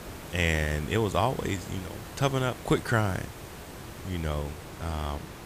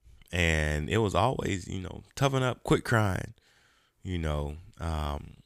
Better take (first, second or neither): second